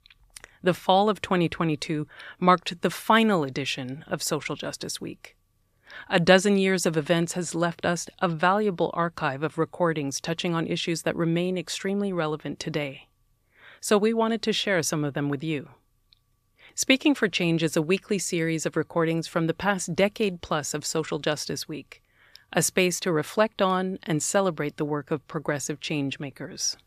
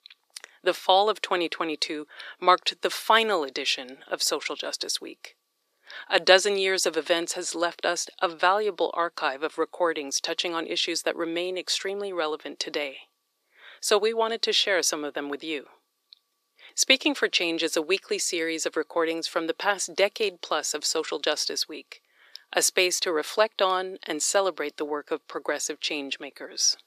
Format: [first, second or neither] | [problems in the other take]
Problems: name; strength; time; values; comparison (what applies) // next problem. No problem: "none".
first | thin; somewhat; fading below 350 Hz